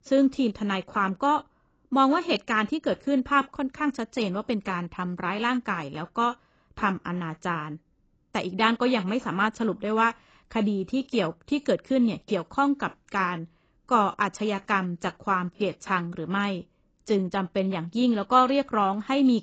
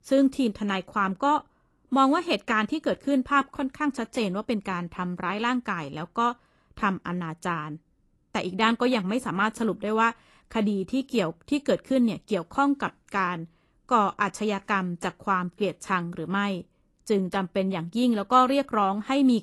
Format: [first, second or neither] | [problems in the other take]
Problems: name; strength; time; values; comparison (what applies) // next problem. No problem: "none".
second | garbled, watery; badly; nothing above 7.5 kHz; slightly in the second